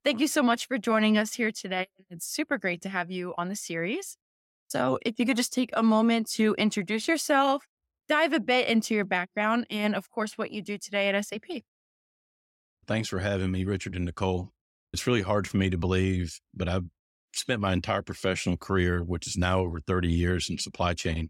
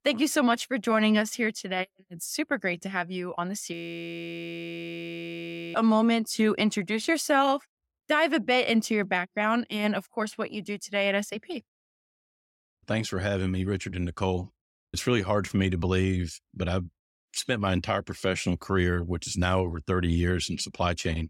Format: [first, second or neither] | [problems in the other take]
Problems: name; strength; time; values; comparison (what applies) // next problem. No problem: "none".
first | audio freezing; at 3.5 s for 2 s